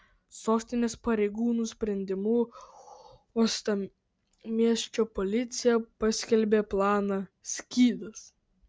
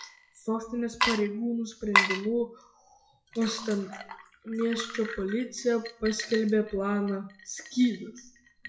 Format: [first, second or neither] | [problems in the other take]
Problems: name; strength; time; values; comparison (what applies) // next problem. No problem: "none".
first | noise reduction (classical method WPE with log-MMSE)